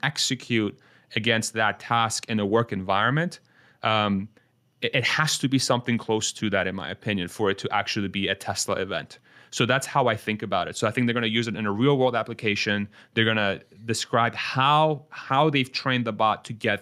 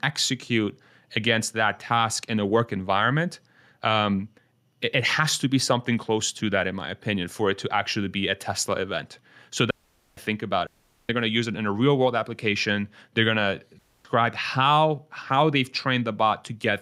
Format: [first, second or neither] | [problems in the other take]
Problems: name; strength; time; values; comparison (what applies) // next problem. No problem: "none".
first | audio cutting out; at 9.5 s, at 11 s and at 14 s